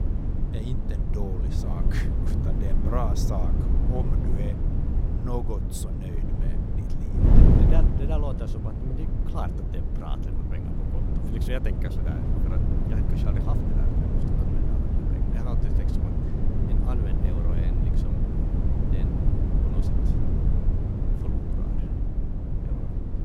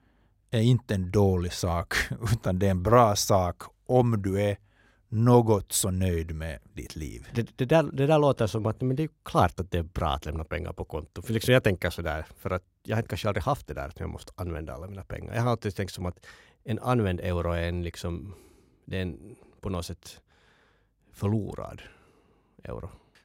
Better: second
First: wind noise on the microphone; heavy; 2 dB above the speech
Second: none

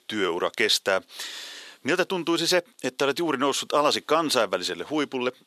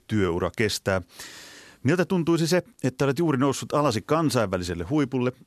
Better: second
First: thin; somewhat; fading below 400 Hz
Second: none

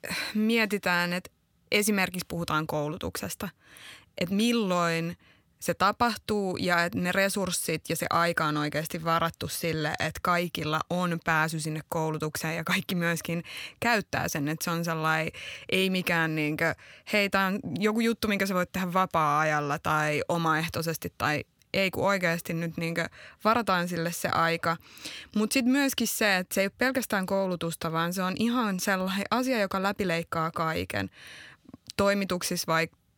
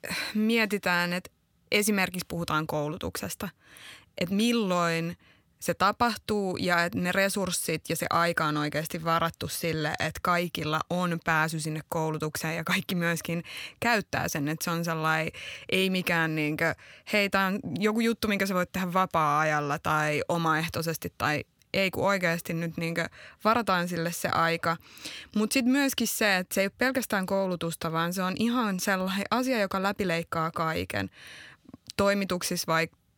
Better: neither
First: none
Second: none

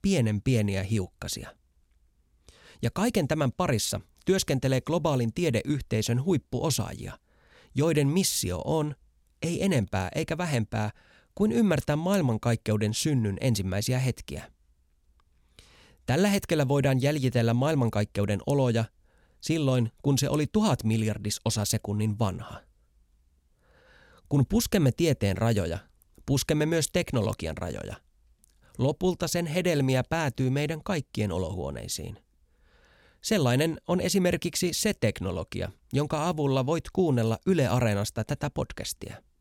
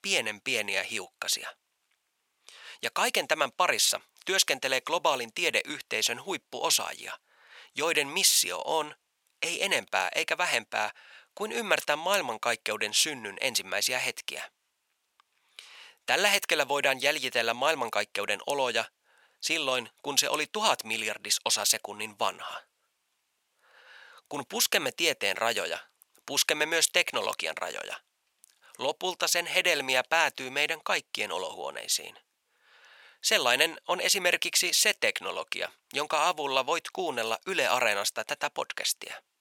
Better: first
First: none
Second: thin; very; fading below 900 Hz

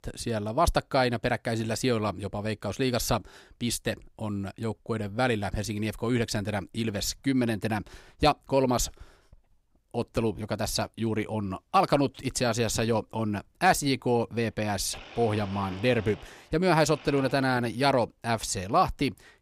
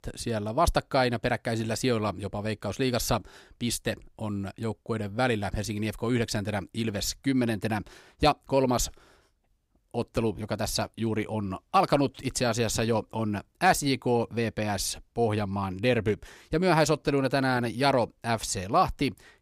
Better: second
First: household noises; noticeable; from 4.5 s on; 20 dB below the speech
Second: none

